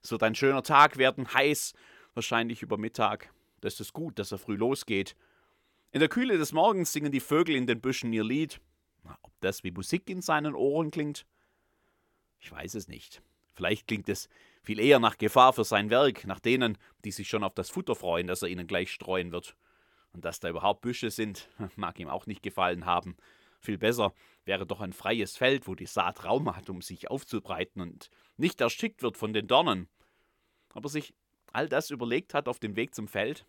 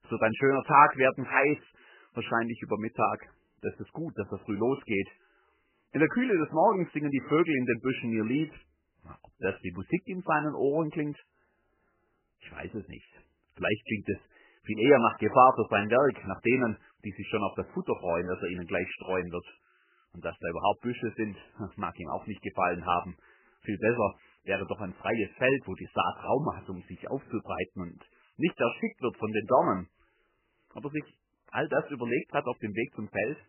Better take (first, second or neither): first